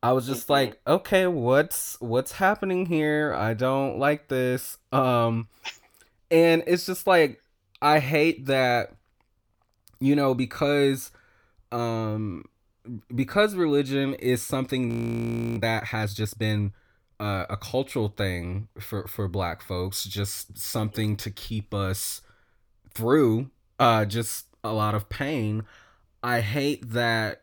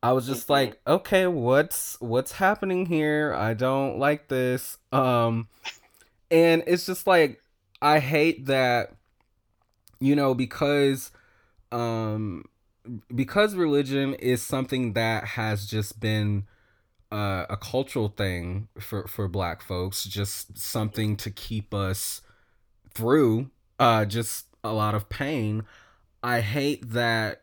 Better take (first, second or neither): second